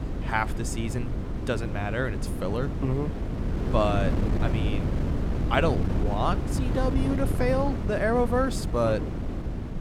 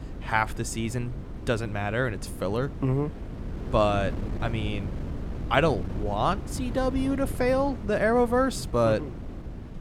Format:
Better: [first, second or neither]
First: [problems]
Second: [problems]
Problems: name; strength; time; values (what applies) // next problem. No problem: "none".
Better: second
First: wind noise on the microphone; heavy; 8 dB below the speech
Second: wind noise on the microphone; occasional gusts; 15 dB below the speech